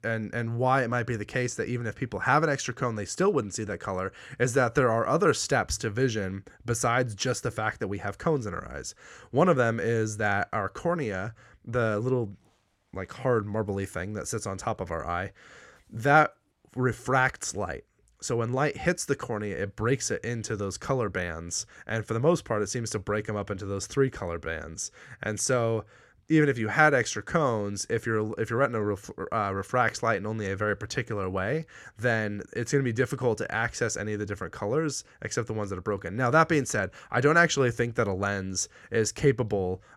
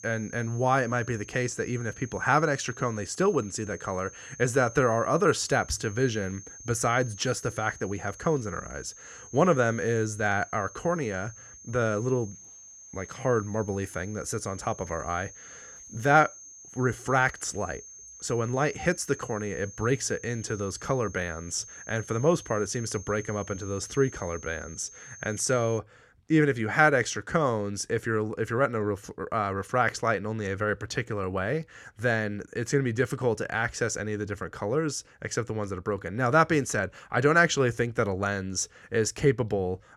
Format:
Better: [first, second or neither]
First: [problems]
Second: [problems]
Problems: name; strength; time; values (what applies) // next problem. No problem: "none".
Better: first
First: none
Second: high-pitched whine; noticeable; until 26 s; 6.5 kHz, 15 dB below the speech